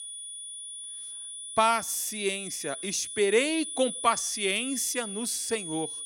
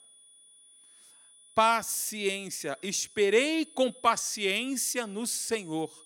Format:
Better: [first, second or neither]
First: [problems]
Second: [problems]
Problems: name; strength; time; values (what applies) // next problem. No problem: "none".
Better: second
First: high-pitched whine; loud; throughout; 9.5 kHz, 7 dB below the speech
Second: high-pitched whine; faint; throughout; 9.5 kHz, 25 dB below the speech